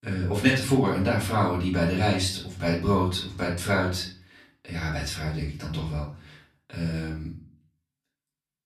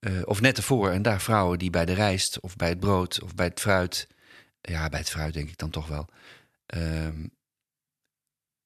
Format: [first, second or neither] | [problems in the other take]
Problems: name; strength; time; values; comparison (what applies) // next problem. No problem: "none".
second | off-mic speech; far // room echo; slight; dies away in 0.4 s